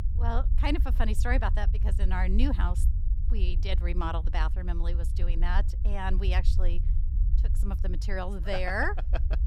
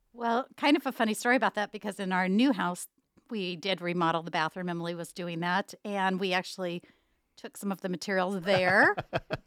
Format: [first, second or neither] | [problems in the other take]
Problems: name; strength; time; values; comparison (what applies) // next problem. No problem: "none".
second | low rumble; noticeable; throughout; 15 dB below the speech